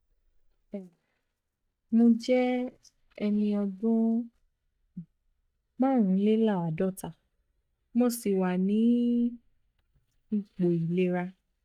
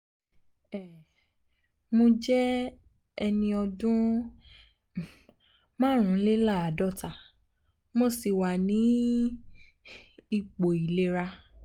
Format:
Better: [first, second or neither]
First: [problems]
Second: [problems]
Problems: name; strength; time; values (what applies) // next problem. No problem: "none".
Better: second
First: noise reduction (neural mask model DeepFilterNet 3)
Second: none